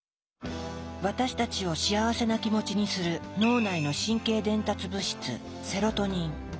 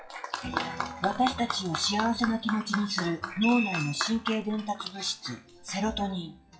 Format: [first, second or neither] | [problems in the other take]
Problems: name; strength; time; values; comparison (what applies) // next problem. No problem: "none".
first | noise reduction (classical method WPE with log-MMSE)